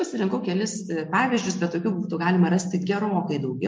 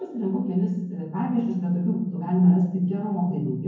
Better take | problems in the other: first | room echo; dies away in 0.9 s

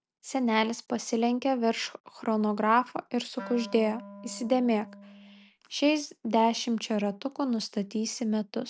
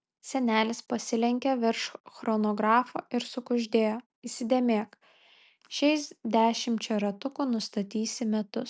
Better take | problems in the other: second | background sound (Wind instrument, woodwind instrument); 17 dB below the speech

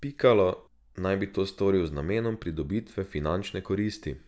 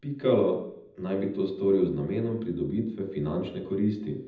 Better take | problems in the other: first | room echo; dies away in 0.8 s

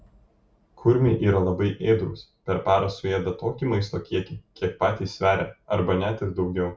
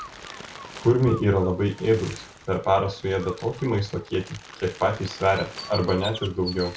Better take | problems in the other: first | background sound (Crumpling, crinkling + Bird); 15 dB below the speech

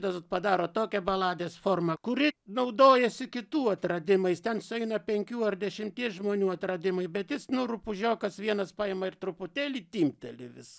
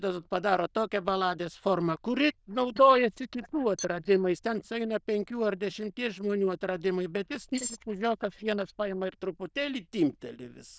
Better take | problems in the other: first | noise reduction (neural diffusion model UNIVERSE++)

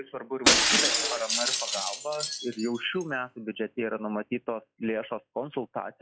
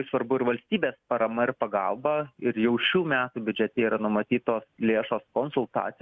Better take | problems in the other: second | noise reduction (classical method log-MMSE)

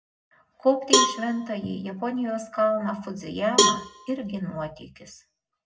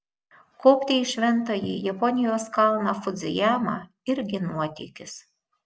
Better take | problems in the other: second | background sound (Cowbell); 1 dB above the speech // room echo; dies away in 0.4 s

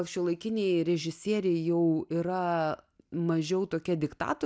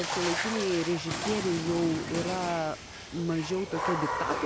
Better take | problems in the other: first | background sound (Water / Splash, splatter); 3 dB below the speech

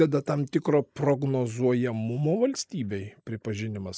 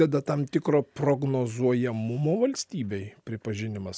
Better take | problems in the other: second | noise reduction (neural mask model Resemble Enhance denoiser)

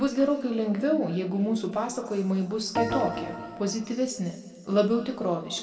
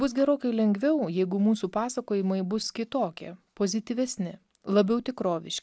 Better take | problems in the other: second | background sound (Organ); 4 dB below the speech // room echo; dies away in 1.7 s

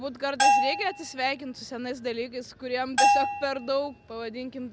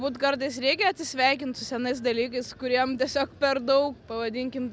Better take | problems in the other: second | background sound (Bell); 5 dB above the speech

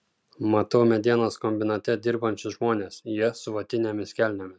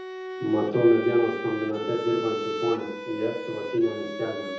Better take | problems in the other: first | background sound (Bowed string instrument); 7 dB below the speech // room echo; dies away in 0.7 s

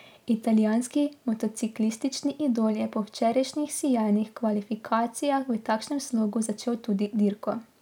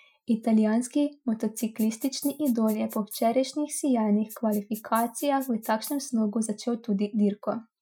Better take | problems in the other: first | noise reduction (classical method Wiener filter)

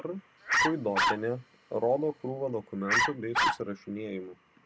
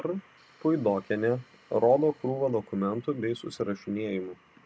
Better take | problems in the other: second | background sound (Bark); 4 dB above the speech

